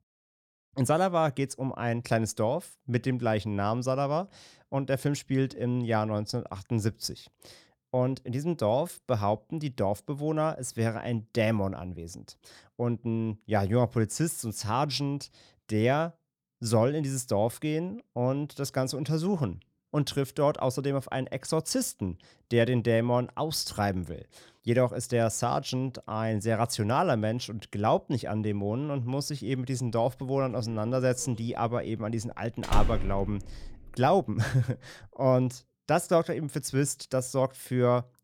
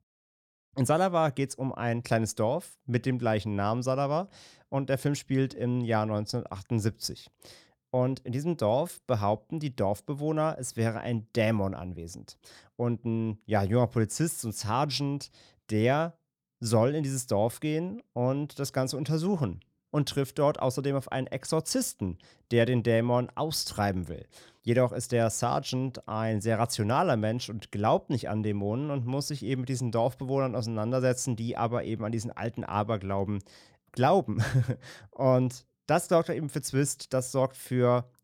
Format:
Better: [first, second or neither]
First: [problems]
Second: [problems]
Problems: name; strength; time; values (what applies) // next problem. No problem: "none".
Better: second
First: door banging; noticeable; at 33 s; peak 2 dB below the speech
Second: none